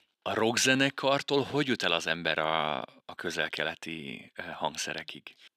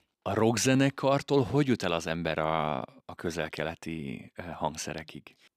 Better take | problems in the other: second | thin; very slightly; fading below 300 Hz

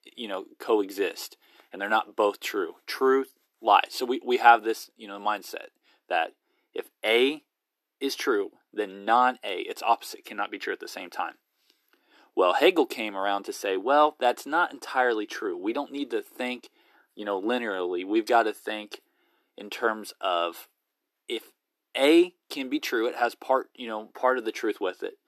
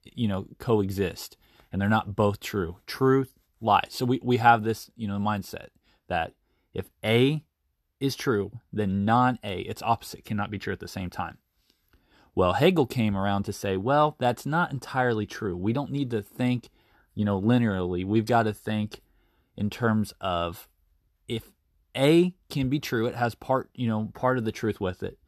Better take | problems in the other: second | thin; somewhat; fading below 300 Hz

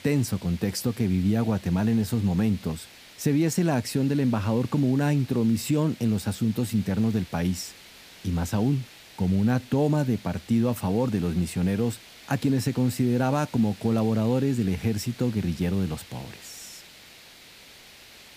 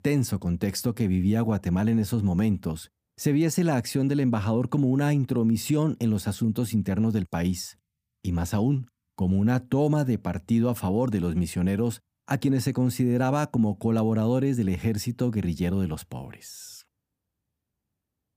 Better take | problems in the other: second | hiss; faint; throughout; 20 dB below the speech

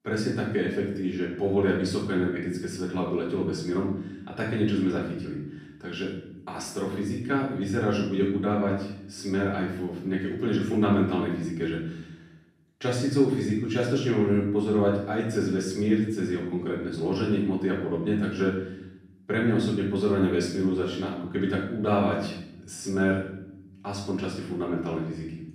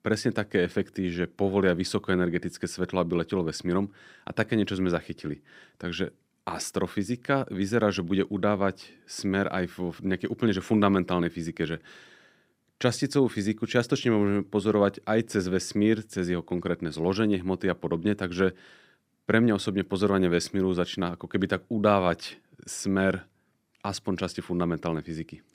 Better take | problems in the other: second | off-mic speech; far // room echo; noticeable; dies away in 0.8 s

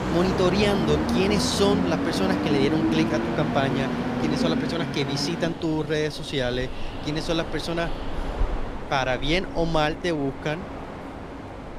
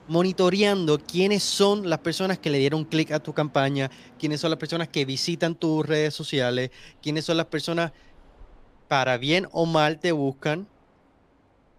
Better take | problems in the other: second | train or aircraft noise; loud; throughout; 2 dB below the speech; faint in the second

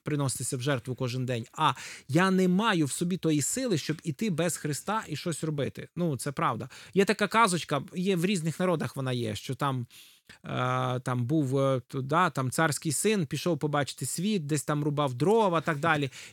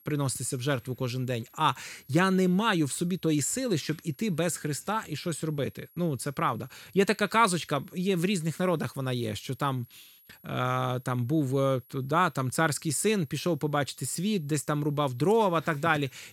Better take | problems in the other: first | high-pitched whine; faint; throughout; 11.5 kHz, 30 dB below the speech

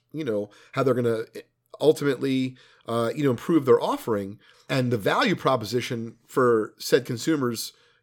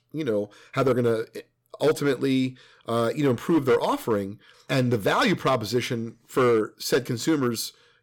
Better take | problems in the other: first | distortion; slight; 5% of the sound clipped

